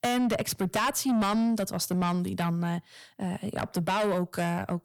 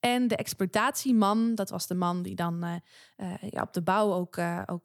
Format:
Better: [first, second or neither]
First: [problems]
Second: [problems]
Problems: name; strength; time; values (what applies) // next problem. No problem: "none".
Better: second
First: distortion; heavy; 8 dB below the speech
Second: none